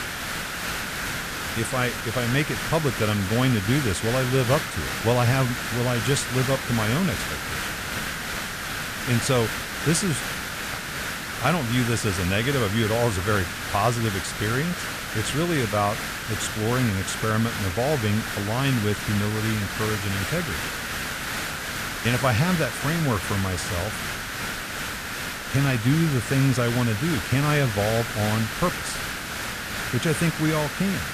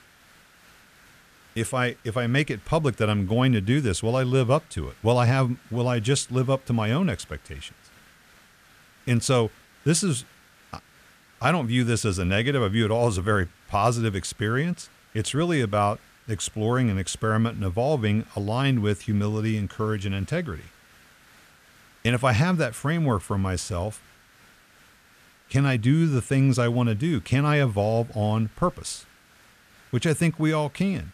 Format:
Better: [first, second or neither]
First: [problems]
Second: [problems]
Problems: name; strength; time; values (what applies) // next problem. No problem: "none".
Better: second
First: hiss; loud; throughout; 4 dB below the speech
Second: hiss; faint; throughout; 30 dB below the speech